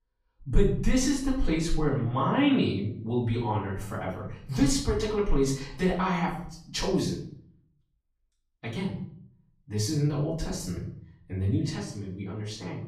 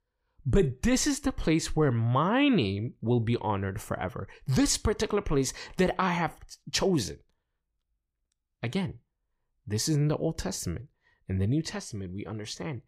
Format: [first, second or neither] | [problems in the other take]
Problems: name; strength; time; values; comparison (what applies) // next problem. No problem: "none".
second | off-mic speech; far // room echo; noticeable; dies away in 0.5 s